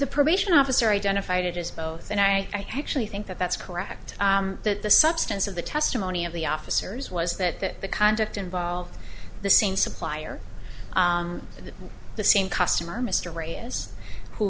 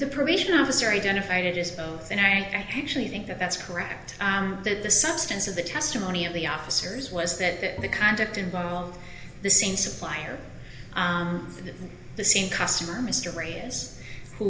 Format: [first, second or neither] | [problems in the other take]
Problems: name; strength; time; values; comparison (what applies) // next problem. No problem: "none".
first | background sound (Bowed string instrument); 19 dB below the speech // room echo; dies away in 1.4 s